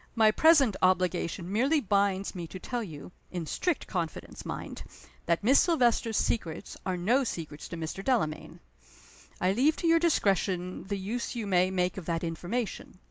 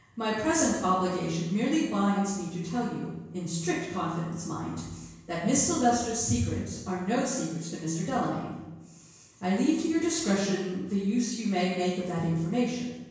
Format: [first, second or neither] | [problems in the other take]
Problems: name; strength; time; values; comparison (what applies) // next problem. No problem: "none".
first | room echo; dies away in 1 s